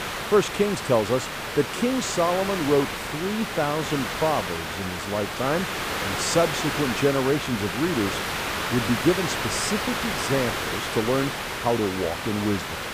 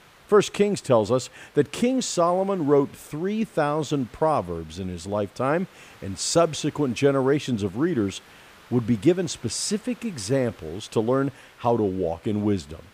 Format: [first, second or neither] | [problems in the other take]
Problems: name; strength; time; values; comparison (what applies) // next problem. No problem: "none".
second | hiss; loud; throughout; 3 dB below the speech; faint in the second